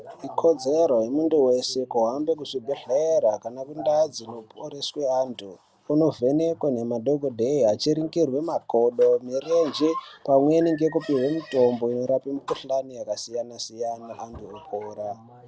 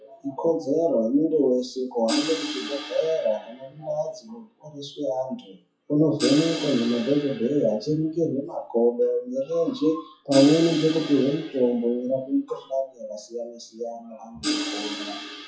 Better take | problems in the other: first | noise reduction (classical method WPE with log-MMSE)

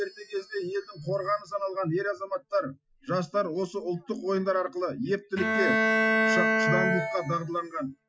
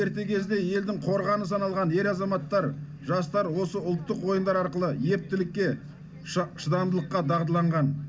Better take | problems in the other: second | noise reduction (classical method Wiener filter)

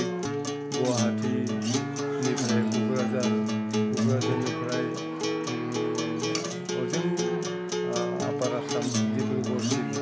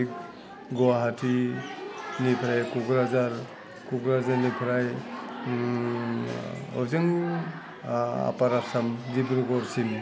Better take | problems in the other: second | background sound (Acoustic guitar); 5 dB above the speech

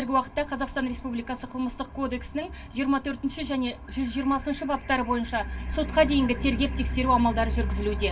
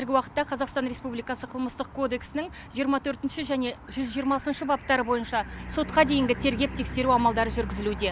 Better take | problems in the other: second | room echo; dies away in 0.1 s

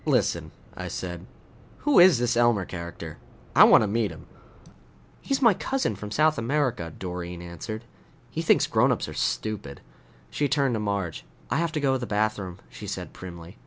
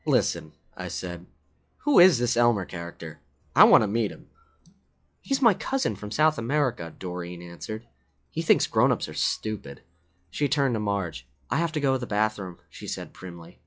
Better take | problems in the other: first | noise reduction (classical method log-MMSE)

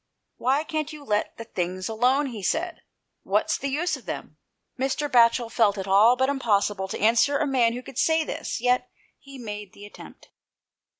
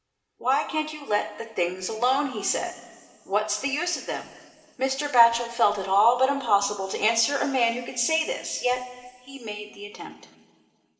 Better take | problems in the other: first | room echo; dies away in 2.5 s

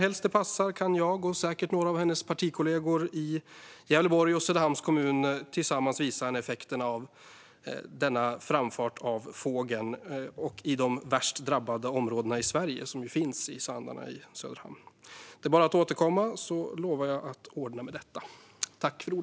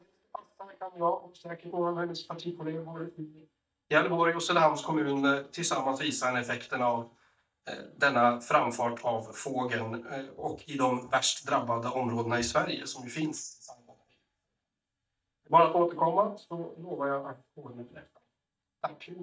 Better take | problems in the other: first | noise reduction (neural mask model DeepFilterNet 3)

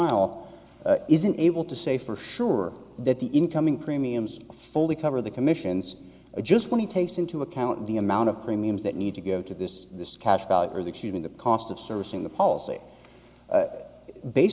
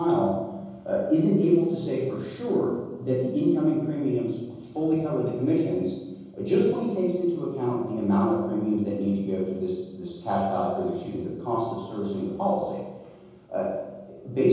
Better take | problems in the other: first | room echo; dies away in 1.3 s

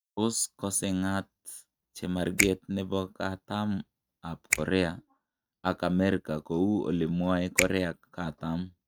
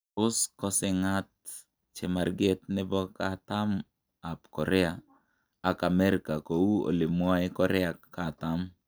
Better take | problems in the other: second | noise reduction (neural mask model RNNoise)

